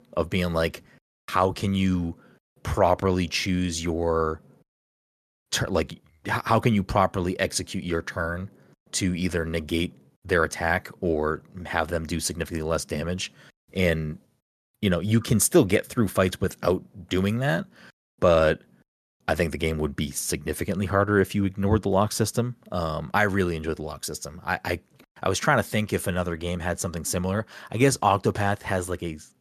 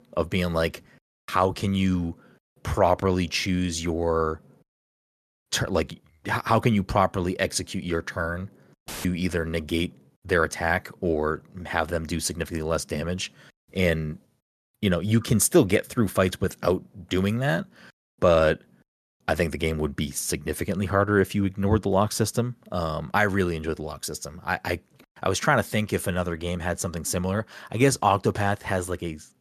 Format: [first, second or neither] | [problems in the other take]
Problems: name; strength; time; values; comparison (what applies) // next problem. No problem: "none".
first | audio cutting out; filled with static; at 9 s